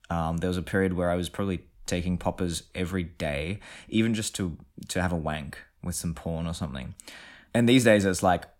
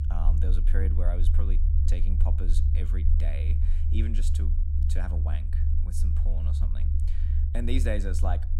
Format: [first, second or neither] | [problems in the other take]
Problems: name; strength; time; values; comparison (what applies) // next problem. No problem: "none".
first | low rumble; loud; throughout; 4 dB below the speech